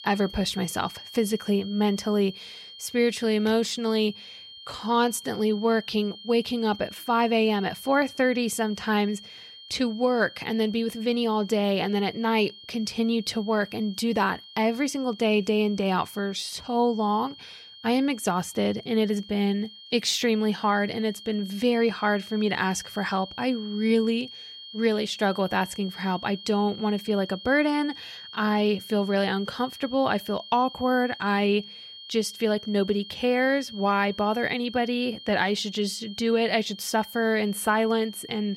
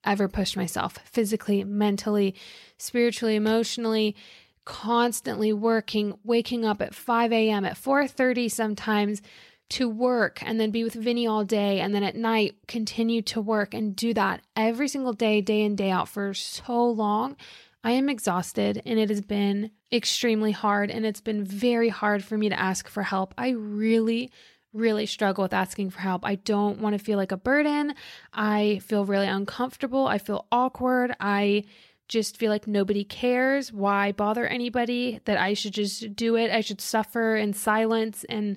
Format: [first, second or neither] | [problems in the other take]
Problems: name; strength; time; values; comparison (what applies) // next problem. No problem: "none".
second | high-pitched whine; noticeable; throughout; 3 kHz, 15 dB below the speech